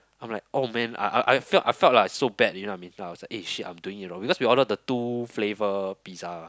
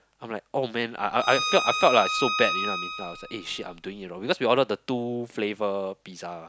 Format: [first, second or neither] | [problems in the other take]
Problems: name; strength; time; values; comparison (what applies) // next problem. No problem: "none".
first | background sound (Bowed string instrument); 4 dB below the speech